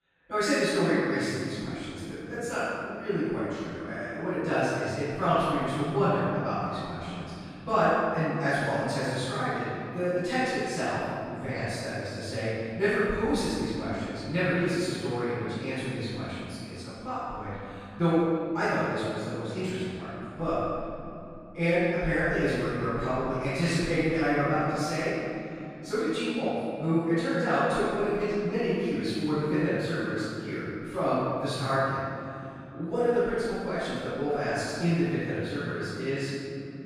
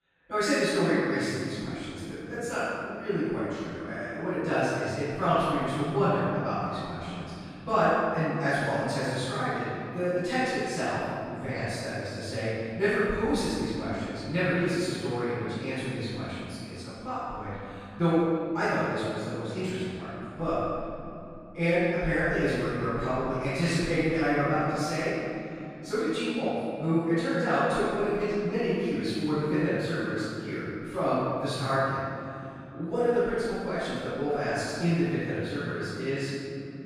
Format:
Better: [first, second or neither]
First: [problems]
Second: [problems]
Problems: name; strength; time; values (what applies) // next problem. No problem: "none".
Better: neither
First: off-mic speech; far // room echo; strong; dies away in 3 s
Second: off-mic speech; far // room echo; strong; dies away in 3 s